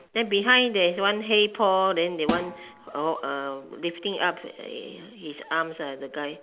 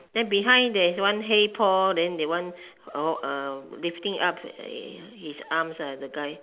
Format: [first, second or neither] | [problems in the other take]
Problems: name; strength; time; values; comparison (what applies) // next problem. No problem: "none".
second | background sound (Snare drum); 10 dB below the speech